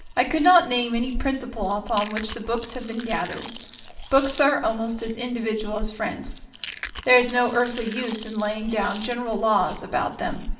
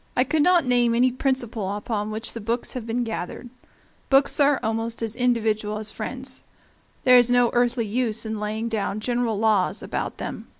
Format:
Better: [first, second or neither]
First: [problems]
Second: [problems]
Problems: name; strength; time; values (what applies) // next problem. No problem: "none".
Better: second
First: background sound (Chewing, mastication); 11 dB below the speech // room echo; dies away in 0.9 s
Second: none